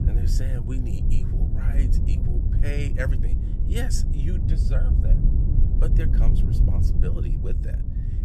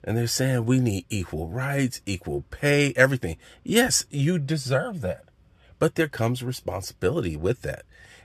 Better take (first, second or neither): second